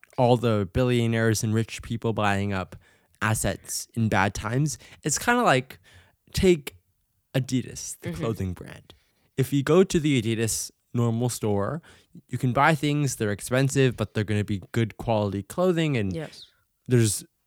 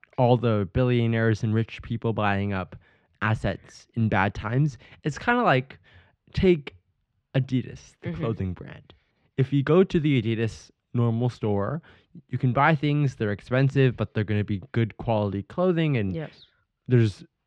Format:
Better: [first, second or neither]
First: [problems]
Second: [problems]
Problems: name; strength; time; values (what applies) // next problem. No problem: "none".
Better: first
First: none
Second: muffled; very; fading above 3.5 kHz